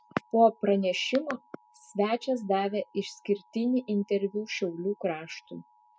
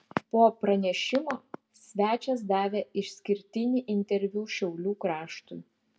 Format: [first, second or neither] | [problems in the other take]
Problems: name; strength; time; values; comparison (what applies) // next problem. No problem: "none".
second | noise reduction (classical method spectral subtraction)